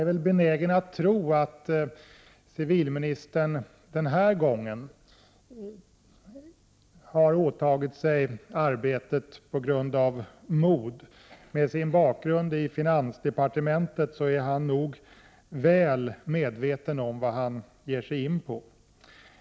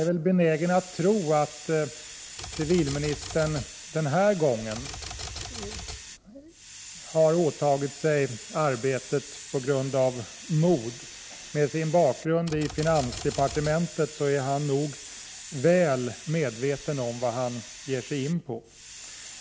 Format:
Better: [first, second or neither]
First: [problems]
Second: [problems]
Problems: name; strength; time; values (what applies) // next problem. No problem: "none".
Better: first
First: none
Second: background sound (Hiss + Typewriter); 14 dB below the speech